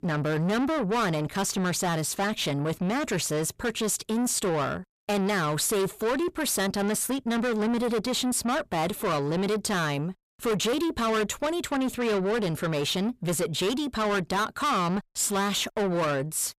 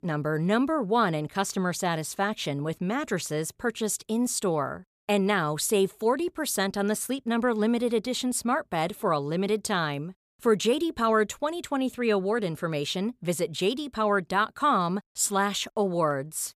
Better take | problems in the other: second | distortion; heavy; 7 dB below the speech

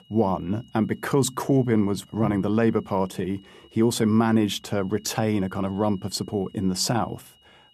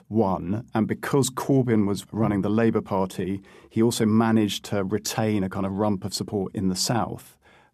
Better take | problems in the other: second | high-pitched whine; faint; throughout; 3 kHz, 30 dB below the speech

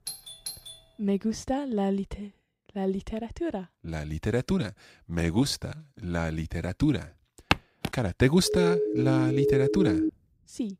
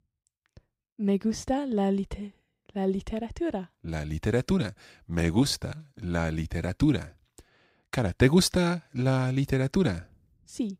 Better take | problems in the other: second | doorbell; noticeable; at the start; peak 9 dB below the speech // footsteps; very faint; at 7.5 s; peak 1 dB above the speech // siren; loud; from 8.5 to 10 s; peak 4 dB above the speech

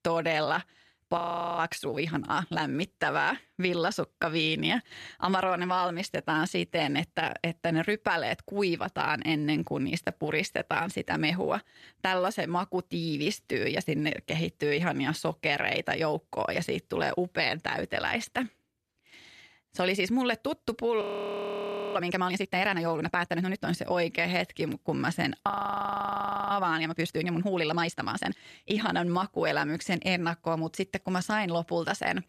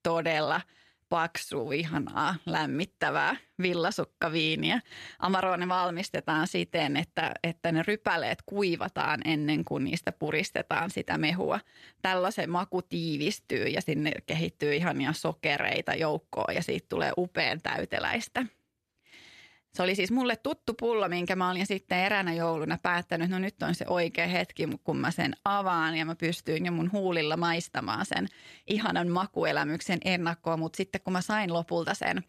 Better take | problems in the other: second | audio freezing; at 1 s, at 21 s for 1 s and at 25 s for 1 s

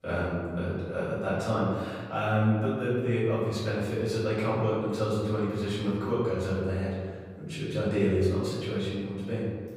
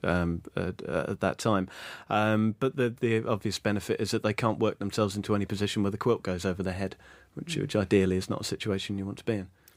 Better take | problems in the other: second | off-mic speech; far // room echo; strong; dies away in 1.7 s

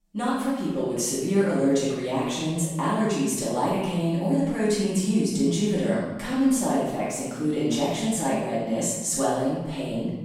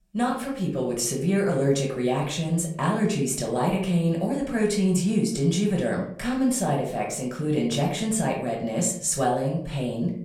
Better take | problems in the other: second | room echo; strong; dies away in 1 s; slight in the second // off-mic speech; far; far in the second

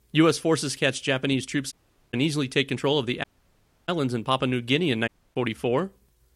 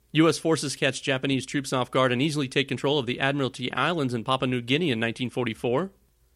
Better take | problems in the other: second | audio cutting out; at 1.5 s, at 3 s for 0.5 s and at 5 s

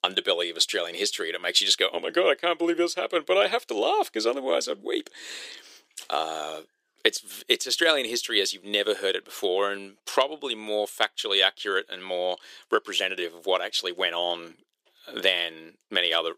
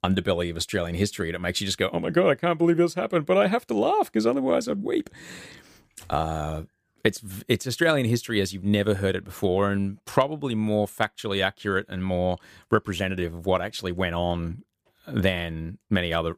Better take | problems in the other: second | thin; very; fading below 350 Hz

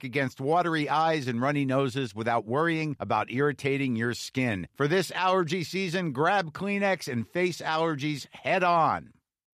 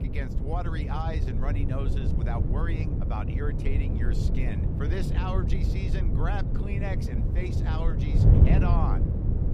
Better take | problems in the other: first | wind noise on the microphone; heavy; 1 dB below the speech

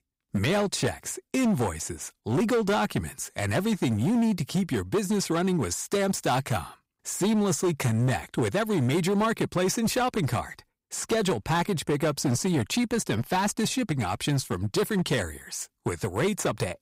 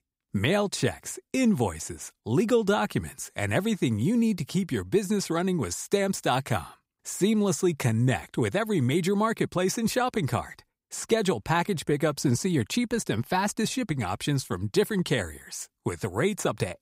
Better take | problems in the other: second | distortion; slight; 12% of the sound clipped

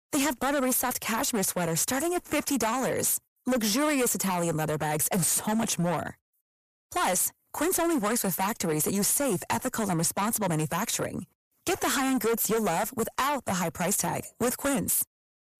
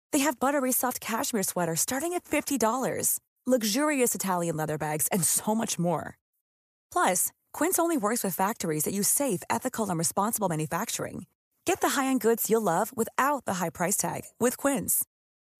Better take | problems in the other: second | distortion; heavy; 18% of the sound clipped

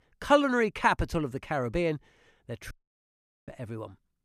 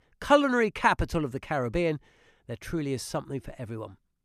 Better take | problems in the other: second | audio cutting out; at 2.5 s for 1 s

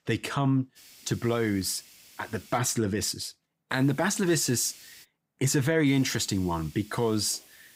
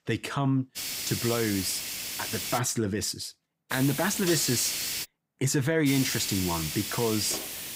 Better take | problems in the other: first | hiss; loud; from 1 to 2.5 s, from 3.5 to 5 s and from 6 s on; 3 dB below the speech; faint in the first

